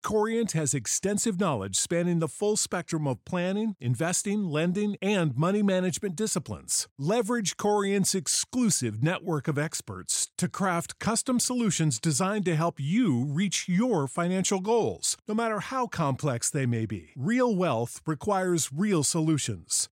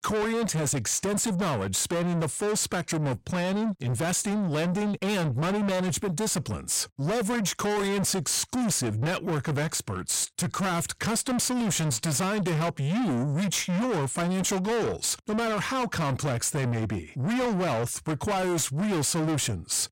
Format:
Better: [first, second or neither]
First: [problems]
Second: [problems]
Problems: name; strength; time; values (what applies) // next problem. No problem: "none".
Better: first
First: none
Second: distortion; heavy; 7 dB below the speech